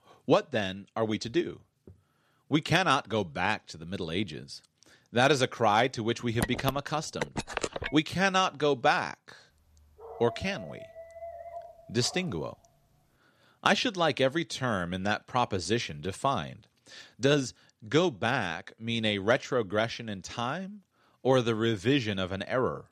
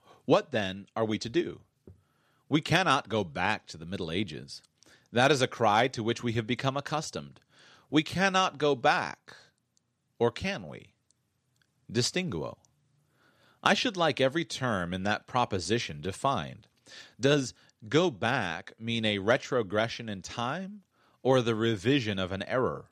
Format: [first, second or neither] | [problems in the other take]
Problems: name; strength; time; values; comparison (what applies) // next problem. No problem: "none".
second | phone ringing; noticeable; from 6.5 to 8 s; peak 5 dB below the speech // dog barking; faint; from 10 to 12 s; peak 15 dB below the speech